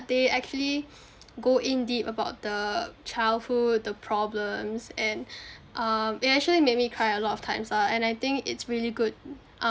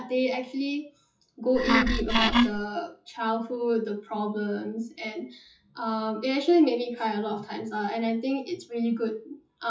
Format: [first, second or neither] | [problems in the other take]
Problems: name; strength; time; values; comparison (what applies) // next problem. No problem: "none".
first | noise reduction (classical method WPE with log-MMSE)